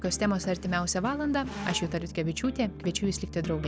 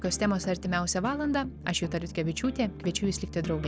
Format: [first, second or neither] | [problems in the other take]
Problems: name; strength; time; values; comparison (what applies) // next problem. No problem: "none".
second | background sound (Squeak); 14 dB below the speech